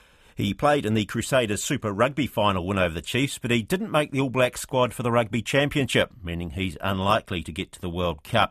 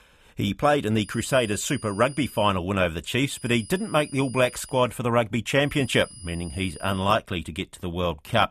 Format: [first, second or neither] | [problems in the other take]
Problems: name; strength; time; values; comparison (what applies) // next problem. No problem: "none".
first | high-pitched whine; noticeable; from 1 to 2.5 s, from 3.5 to 5 s and from 5.5 to 7 s; 9.5 kHz, 20 dB below the speech